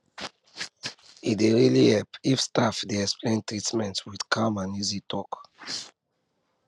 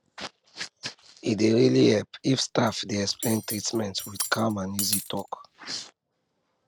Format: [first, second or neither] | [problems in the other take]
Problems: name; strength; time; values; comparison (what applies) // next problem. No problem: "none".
first | background sound (Cutlery, silverware); 10 dB below the speech